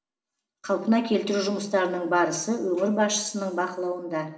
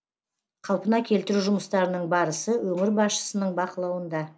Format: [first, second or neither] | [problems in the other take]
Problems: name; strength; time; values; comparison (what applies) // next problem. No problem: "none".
second | room echo; dies away in 0.9 s